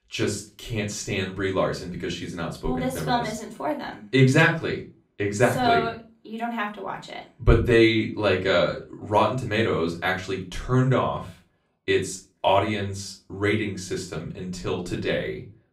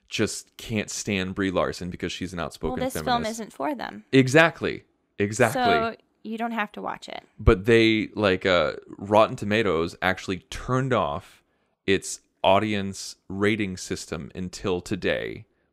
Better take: second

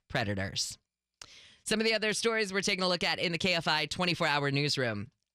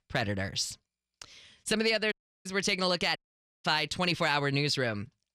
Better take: first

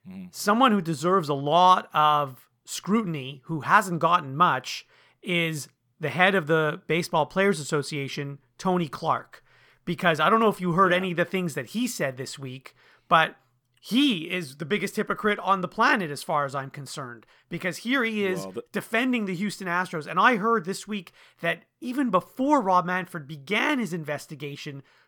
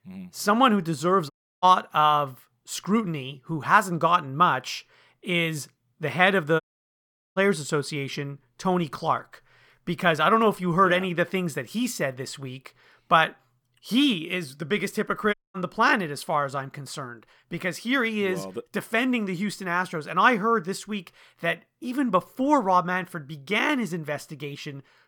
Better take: first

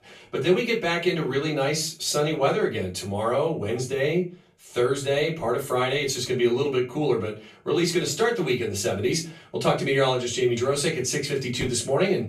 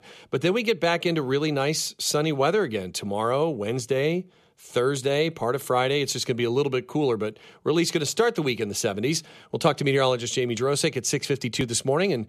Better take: second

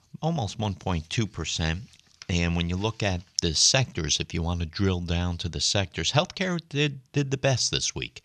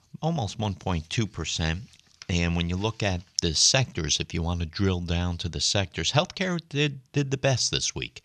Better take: neither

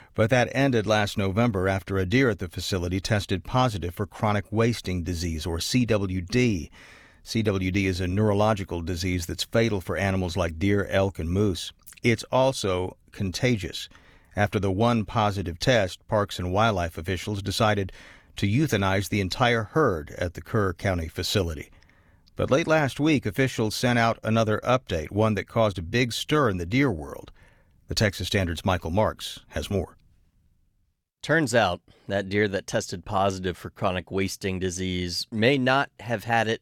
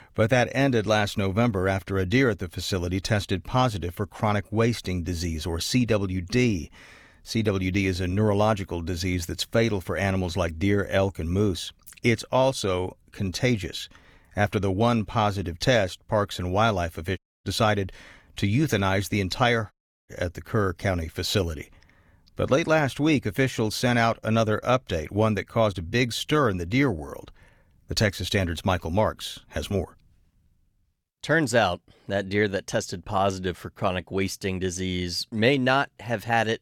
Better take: first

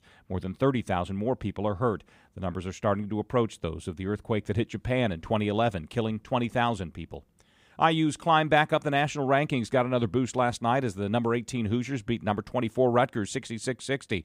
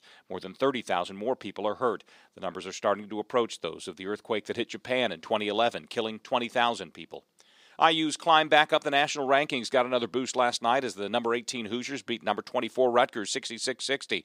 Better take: first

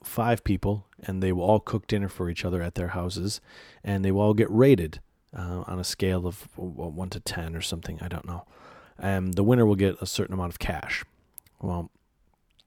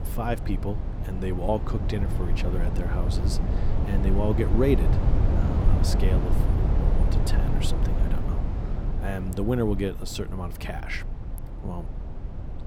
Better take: first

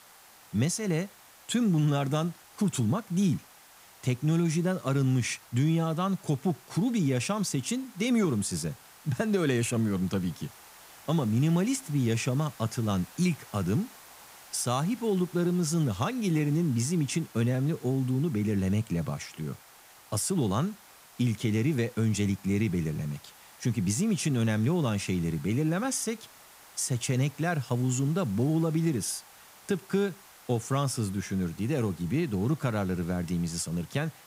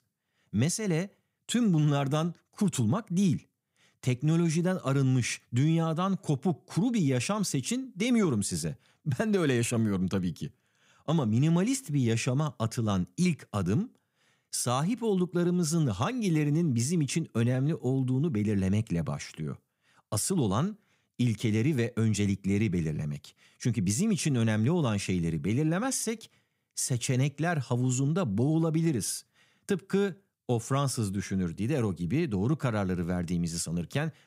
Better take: second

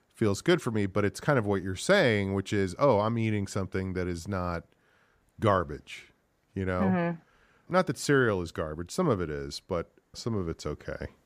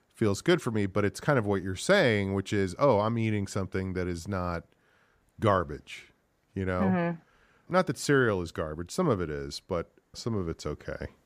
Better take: neither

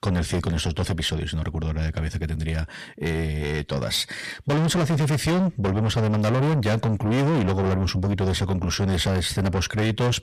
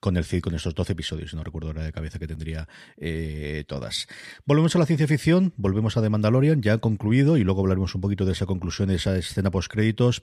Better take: second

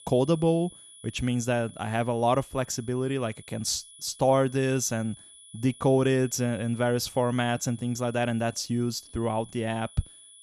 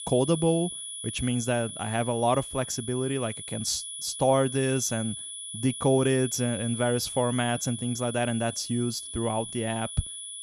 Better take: first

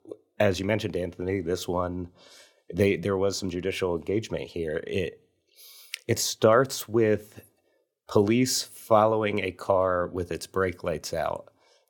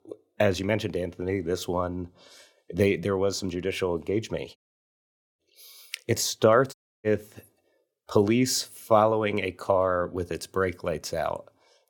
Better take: first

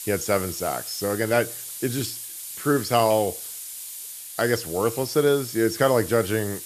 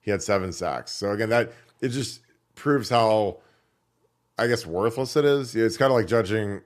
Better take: second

